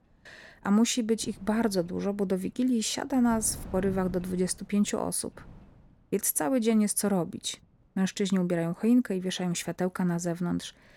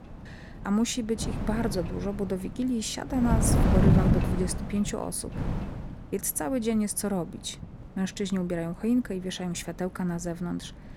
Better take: first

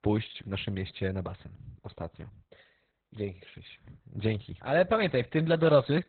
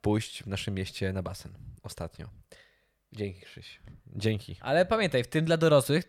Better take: second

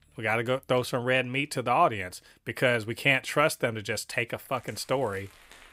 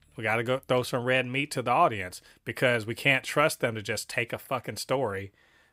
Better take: second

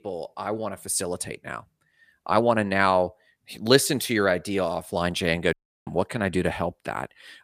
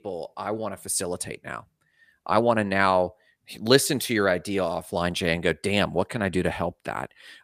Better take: second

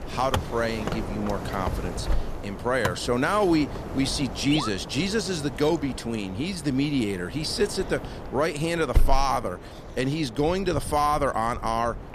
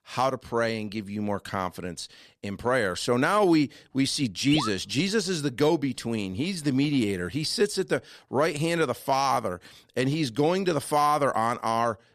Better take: second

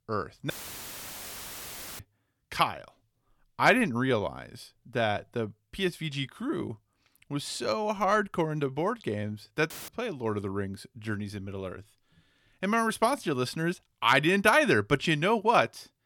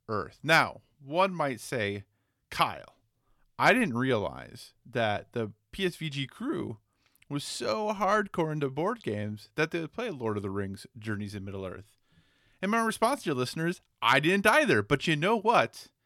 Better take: second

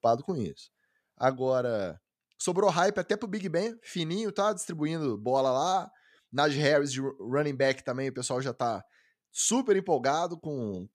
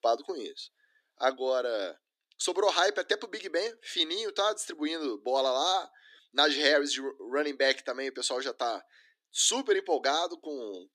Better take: first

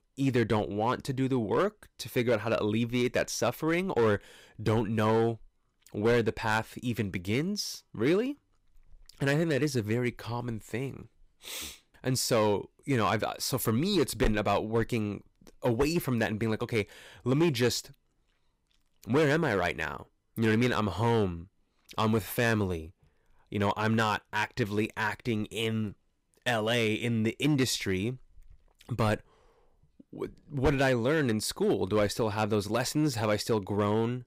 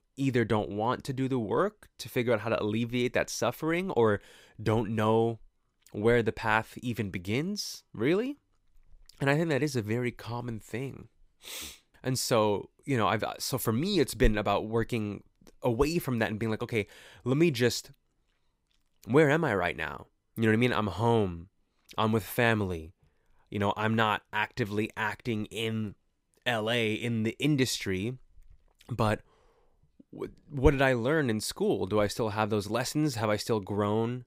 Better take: second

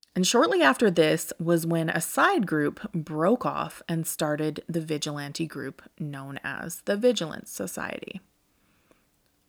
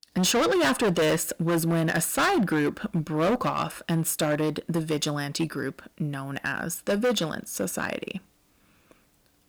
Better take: first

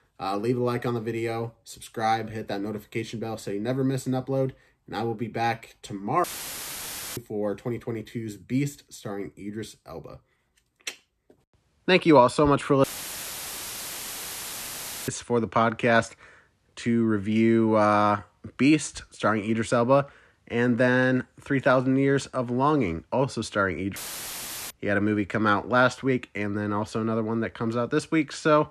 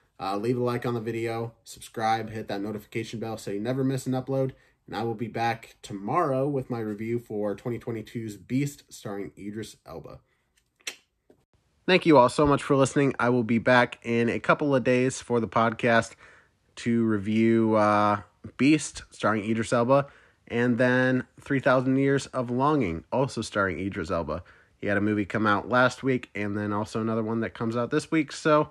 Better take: second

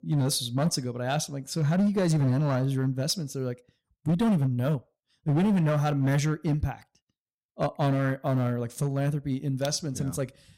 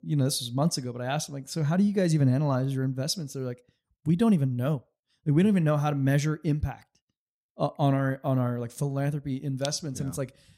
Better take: second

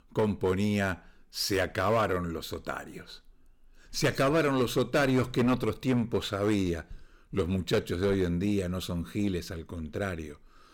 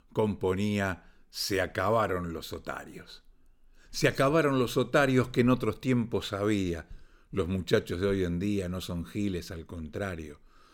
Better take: second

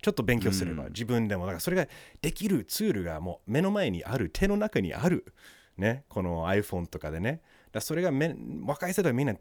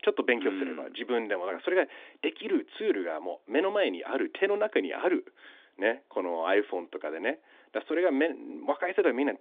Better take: first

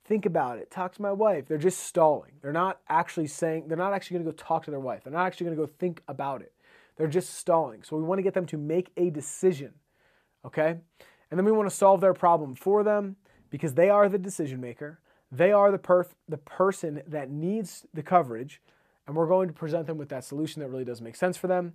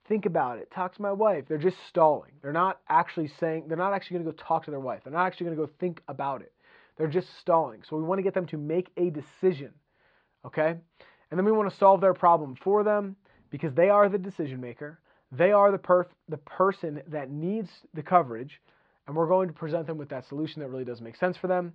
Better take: first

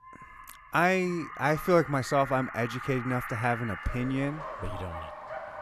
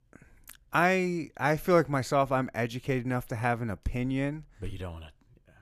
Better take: second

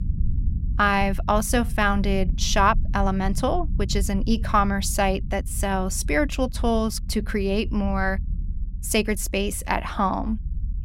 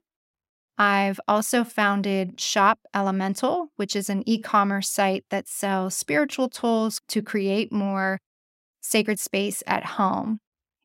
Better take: second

